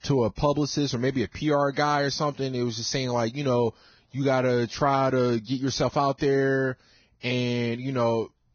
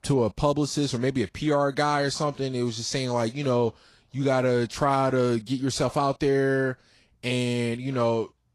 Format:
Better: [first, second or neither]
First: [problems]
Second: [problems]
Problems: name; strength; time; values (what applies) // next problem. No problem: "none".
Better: second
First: garbled, watery; badly; nothing above 6.5 kHz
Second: garbled, watery; slightly; nothing above 11.5 kHz